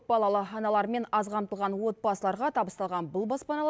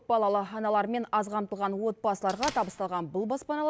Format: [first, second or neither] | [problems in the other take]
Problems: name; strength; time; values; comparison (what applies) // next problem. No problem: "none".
first | background sound (Door); 16 dB below the speech